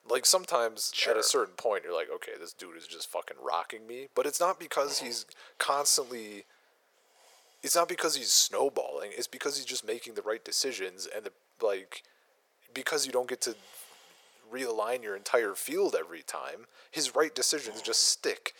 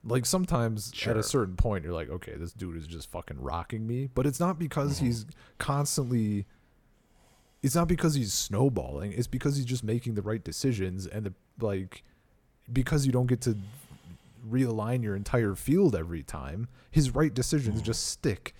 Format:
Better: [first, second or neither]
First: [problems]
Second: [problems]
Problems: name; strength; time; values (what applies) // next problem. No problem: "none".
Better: second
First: thin; very; fading below 500 Hz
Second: none